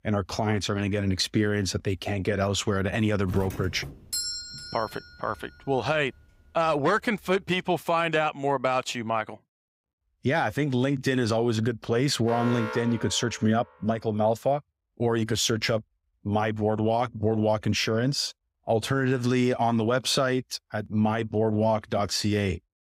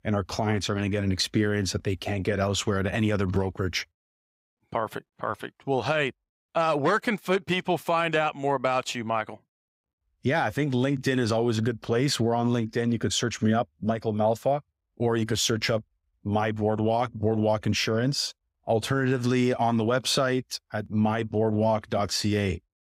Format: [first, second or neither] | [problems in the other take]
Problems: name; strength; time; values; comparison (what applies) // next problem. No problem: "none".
second | doorbell; noticeable; from 3.5 to 5.5 s; peak 2 dB below the speech // alarm; noticeable; from 12 to 14 s; peak 6 dB below the speech